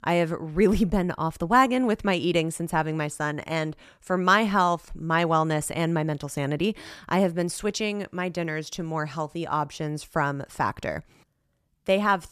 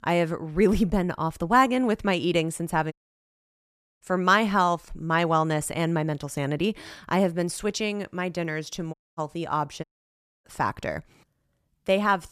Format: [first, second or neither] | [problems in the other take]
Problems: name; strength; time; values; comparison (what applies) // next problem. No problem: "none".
first | audio cutting out; at 3 s for 1 s, at 9 s and at 10 s for 0.5 s